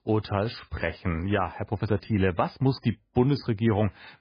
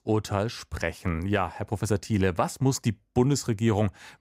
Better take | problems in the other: second | garbled, watery; badly; nothing above 5 kHz

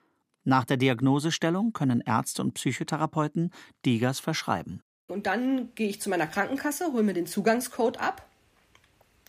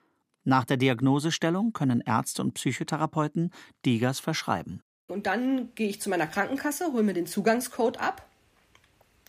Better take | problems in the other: neither | none

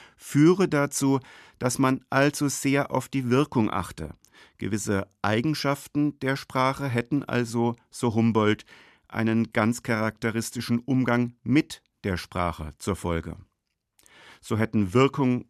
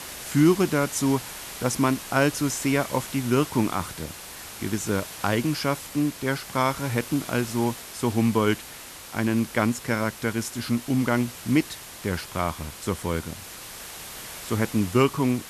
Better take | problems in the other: first | hiss; noticeable; throughout; 10 dB below the speech

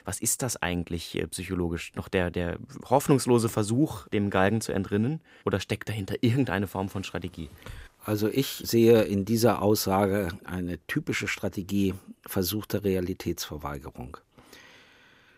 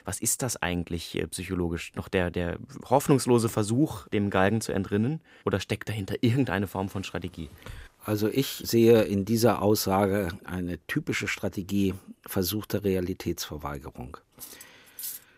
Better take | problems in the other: first | clattering dishes; noticeable; at 14 s; peak 9 dB below the speech

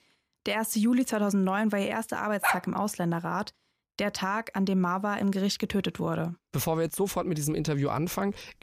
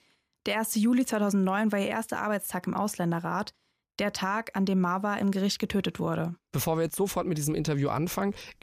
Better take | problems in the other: second | dog barking; loud; at 2.5 s; peak level with the speech

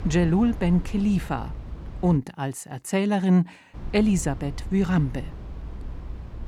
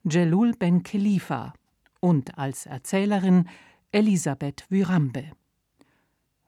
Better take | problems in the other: second | low rumble; noticeable; until 2 s and from 3.5 s on; 20 dB below the speech

